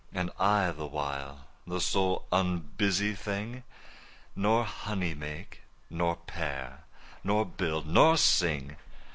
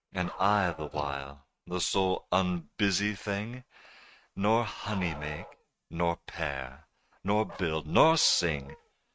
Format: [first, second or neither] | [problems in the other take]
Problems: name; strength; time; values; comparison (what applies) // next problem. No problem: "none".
first | noise reduction (neural mask model RNNoise)